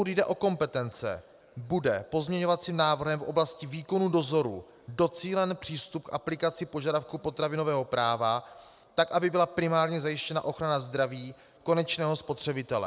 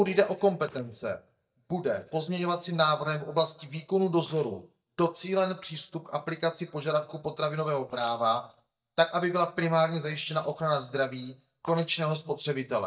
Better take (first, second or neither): first